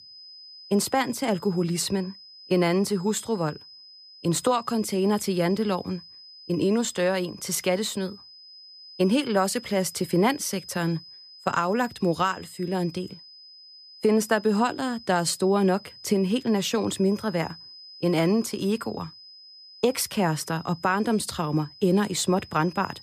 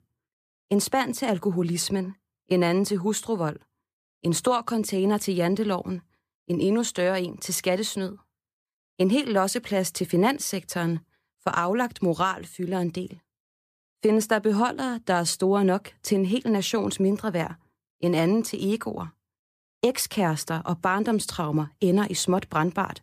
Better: second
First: high-pitched whine; noticeable; throughout; 5 kHz, 20 dB below the speech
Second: none

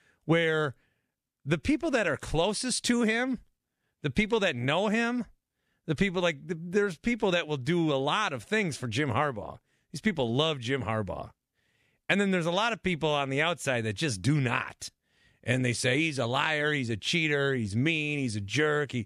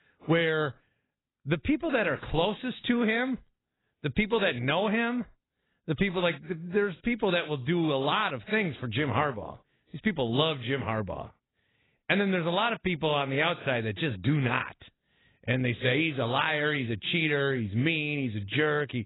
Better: first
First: none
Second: garbled, watery; badly; nothing above 4 kHz

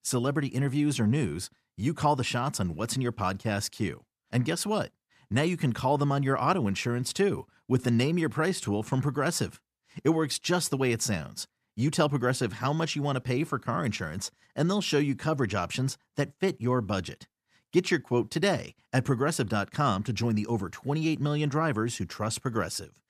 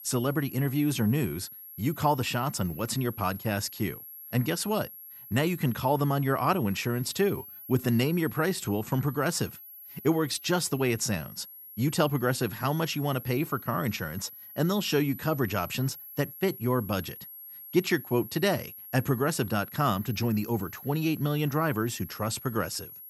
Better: first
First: none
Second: high-pitched whine; noticeable; throughout; 11.5 kHz, 15 dB below the speech

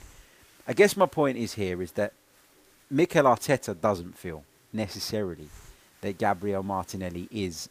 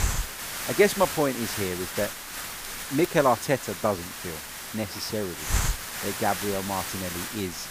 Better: first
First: hiss; faint; throughout; 30 dB below the speech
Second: hiss; loud; throughout; 5 dB below the speech

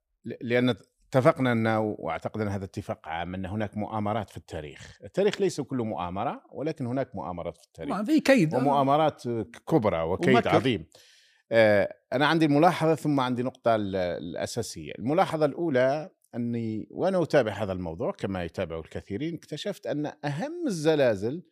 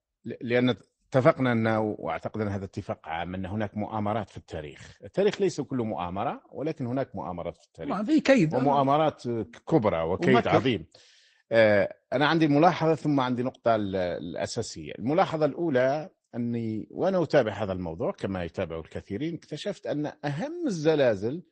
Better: first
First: none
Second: garbled, watery; slightly; nothing above 8 kHz

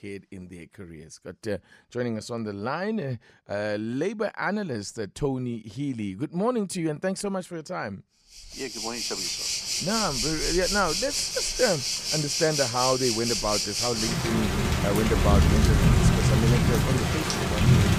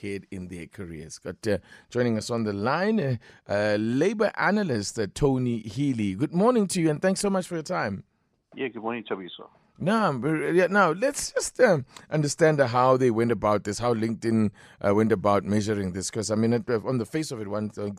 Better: second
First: rain or running water; very loud; from 9 s on; 5 dB above the speech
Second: none

